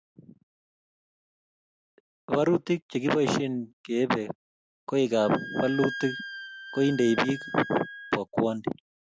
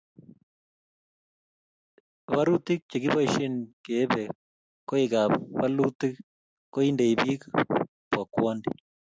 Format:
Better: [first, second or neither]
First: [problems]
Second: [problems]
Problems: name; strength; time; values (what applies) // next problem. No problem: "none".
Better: second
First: background sound (Wind instrument, woodwind instrument); 11 dB below the speech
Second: none